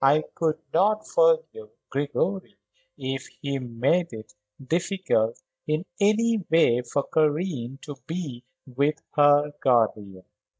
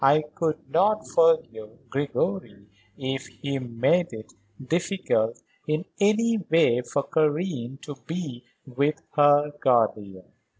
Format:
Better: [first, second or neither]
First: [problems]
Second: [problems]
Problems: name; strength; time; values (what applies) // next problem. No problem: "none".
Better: second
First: noise reduction (neural mask model DeepFilterNet 3)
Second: none